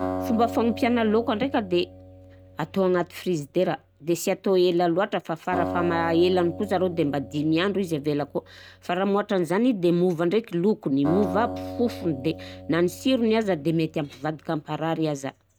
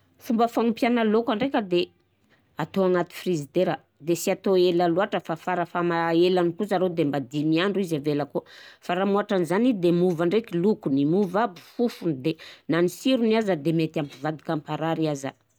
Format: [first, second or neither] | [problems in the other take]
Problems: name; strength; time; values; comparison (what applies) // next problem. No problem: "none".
second | background sound (Acoustic guitar); 12 dB below the speech